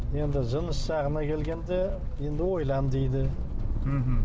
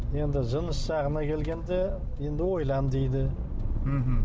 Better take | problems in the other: second | background sound (Walk, footsteps); 12 dB below the speech

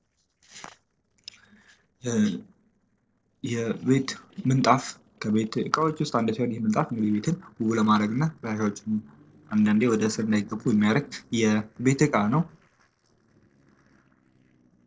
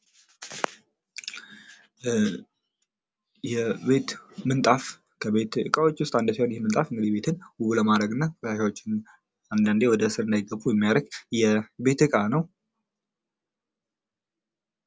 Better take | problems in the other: second | noise reduction (neural separator model SepFormer DNS4)

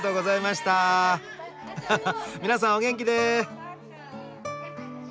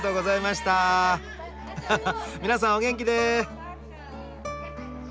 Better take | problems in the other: first | background sound (Musical instrument); 17 dB below the speech

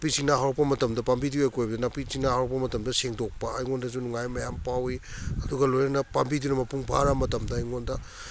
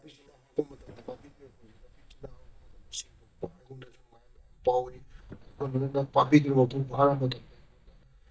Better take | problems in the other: first | noise reduction (neural mask model DeepFilterNet 3)

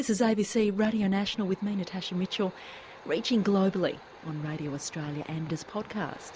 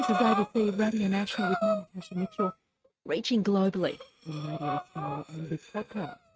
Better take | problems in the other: first | noise reduction (neural mask model RNNoise)

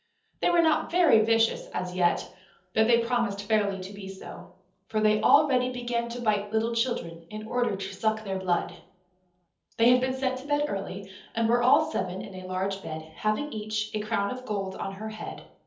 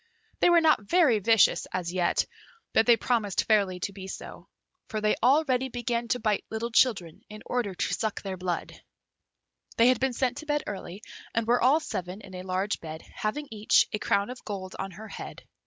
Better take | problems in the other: second | room echo; dies away in 0.7 s

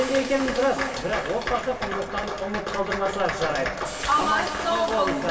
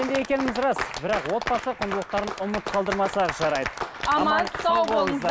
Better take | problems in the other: second | background sound (Hi-hat); 18 dB below the speech // room echo; dies away in 2.4 s

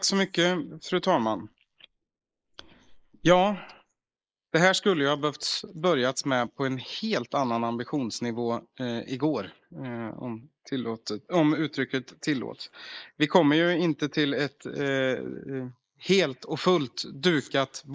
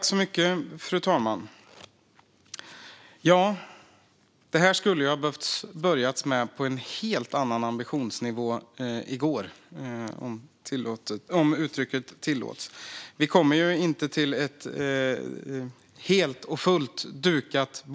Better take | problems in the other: second | noise reduction (neural mask model Resemble Enhance denoiser)

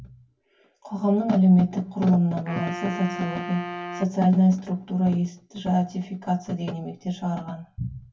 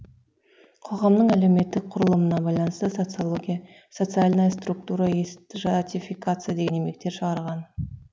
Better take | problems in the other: second | background sound (Wind instrument, woodwind instrument); 12 dB below the speech // room echo; dies away in 0.1 s

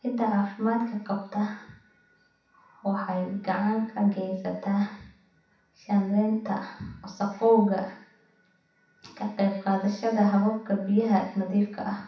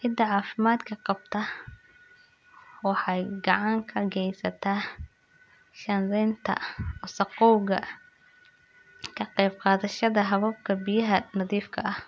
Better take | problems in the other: second | room echo; dies away in 0.7 s

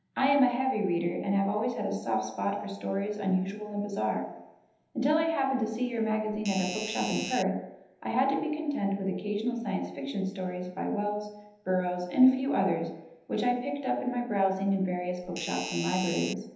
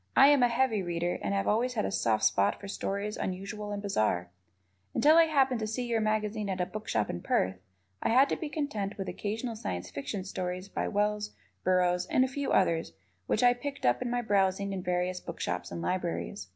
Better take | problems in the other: second | background sound (Doorbell); 8 dB below the speech // room echo; dies away in 0.9 s

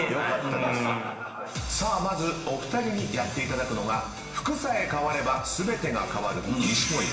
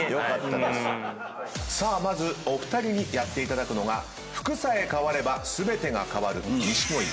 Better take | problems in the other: second | room echo; dies away in 1.2 s

